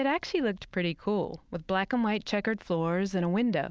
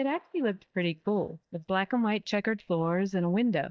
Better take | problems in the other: first | noise reduction (neural mask model DeepFilterNet 3)

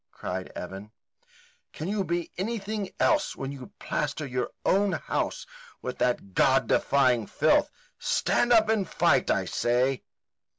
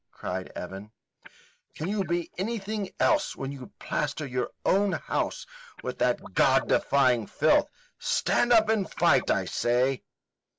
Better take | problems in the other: first | noise reduction (neural mask model Resemble Enhance denoiser)

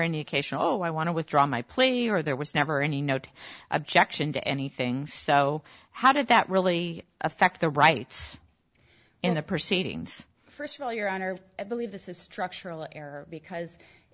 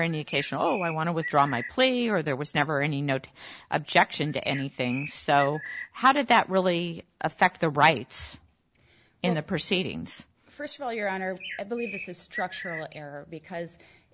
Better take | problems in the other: first | background sound (Bird); 14 dB below the speech

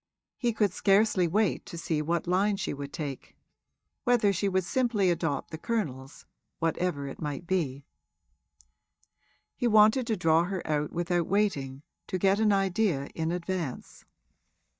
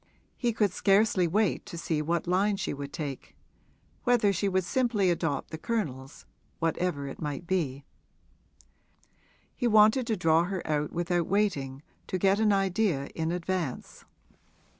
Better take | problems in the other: second | noise reduction (neural mask model DeepFilterNet 3)

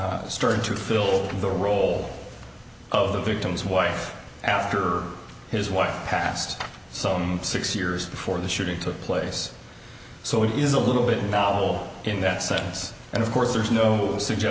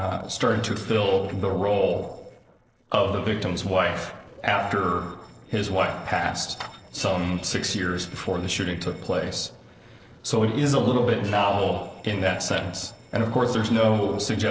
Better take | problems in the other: first | noise reduction (neural separator model SepFormer DNS4)

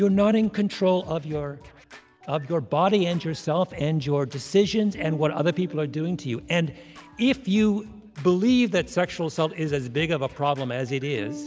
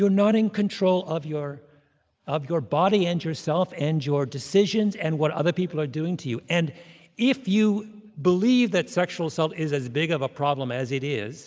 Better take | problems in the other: second | background sound (Bass guitar + Scratching (performance technique)); 19 dB below the speech

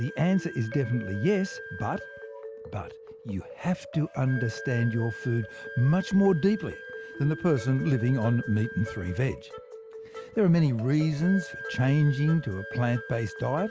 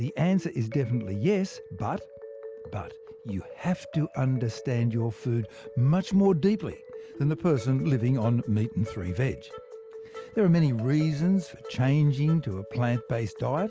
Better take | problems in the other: second | background sound (Wind instrument, woodwind instrument); 16 dB below the speech

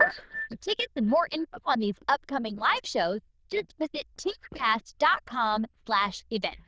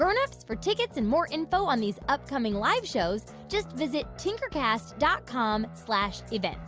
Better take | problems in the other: second | noise reduction (neural diffusion model UNIVERSE++)

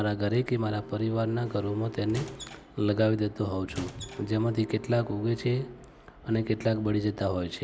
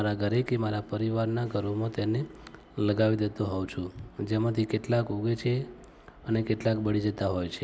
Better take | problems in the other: second | background sound (Squeak / Wood + Bowed string instrument); 17 dB below the speech

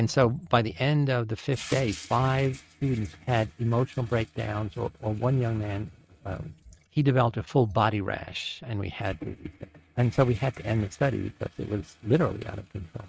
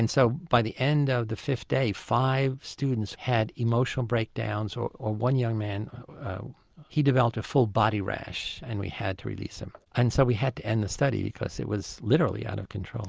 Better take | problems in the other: second | noise reduction (neural mask model RNNoise)

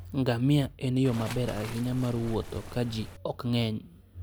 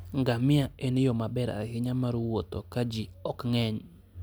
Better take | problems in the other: second | background sound (Waves, surf); 12 dB below the speech

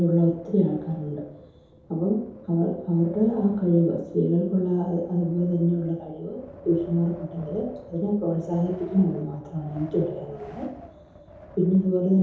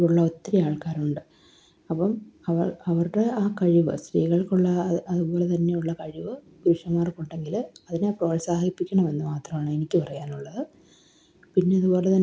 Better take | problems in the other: second | background sound (Wind); 20 dB below the speech // room echo; dies away in 0.8 s

